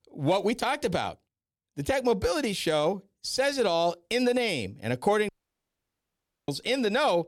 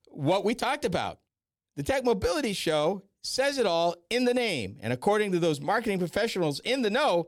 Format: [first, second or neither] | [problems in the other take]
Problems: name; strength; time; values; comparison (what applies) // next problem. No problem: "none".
second | audio cutting out; at 5.5 s for 1 s